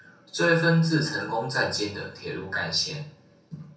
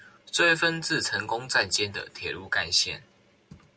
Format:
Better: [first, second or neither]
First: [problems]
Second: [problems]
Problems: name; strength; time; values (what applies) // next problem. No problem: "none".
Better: second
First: room echo; dies away in 0.6 s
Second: none